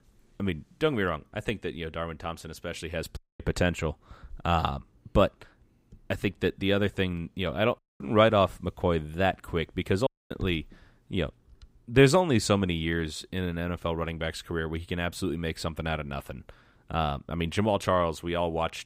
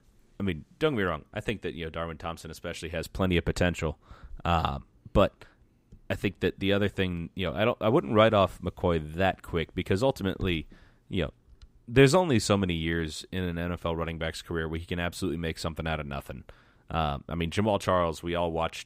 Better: second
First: audio cutting out; at 3 s, at 8 s and at 10 s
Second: none

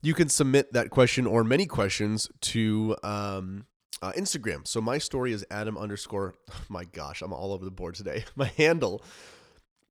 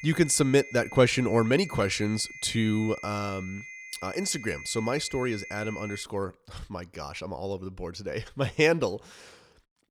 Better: first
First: none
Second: high-pitched whine; noticeable; until 6 s; 2 kHz, 15 dB below the speech

